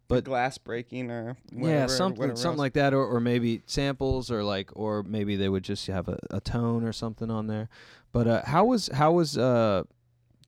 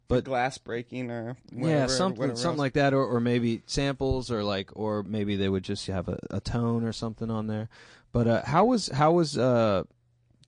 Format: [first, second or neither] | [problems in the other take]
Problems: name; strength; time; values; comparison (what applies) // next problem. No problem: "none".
first | garbled, watery; slightly; nothing above 9.5 kHz